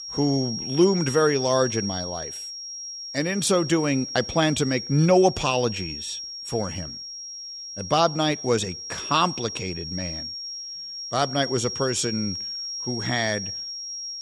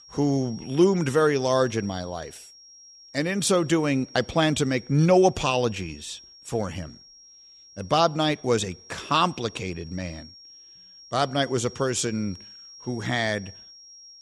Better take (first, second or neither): second